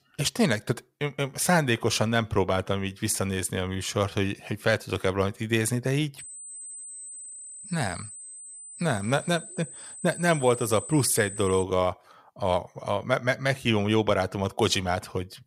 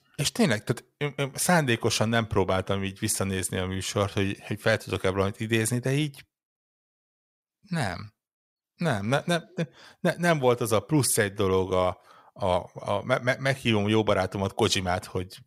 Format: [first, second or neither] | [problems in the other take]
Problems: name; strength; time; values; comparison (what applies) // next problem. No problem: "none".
second | high-pitched whine; noticeable; from 6 to 12 s; 8 kHz, 10 dB below the speech